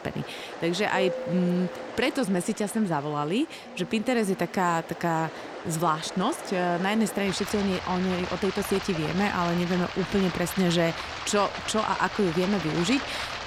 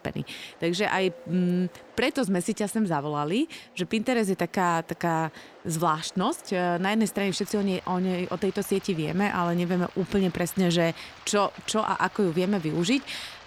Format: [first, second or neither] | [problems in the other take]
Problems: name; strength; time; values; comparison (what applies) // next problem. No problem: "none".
second | rain or running water; loud; throughout; 9 dB below the speech; faint in the second